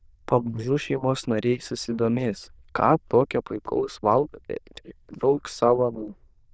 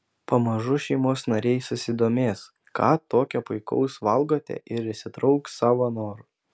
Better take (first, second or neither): second